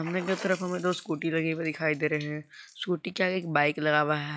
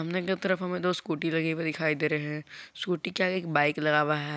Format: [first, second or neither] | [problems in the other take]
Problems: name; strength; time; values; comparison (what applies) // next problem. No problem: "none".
second | noise reduction (classical method log-MMSE)